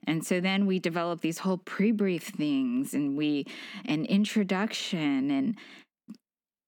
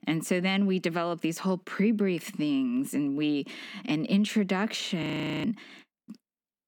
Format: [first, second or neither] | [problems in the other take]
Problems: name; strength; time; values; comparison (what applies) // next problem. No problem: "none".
first | audio freezing; at 5 s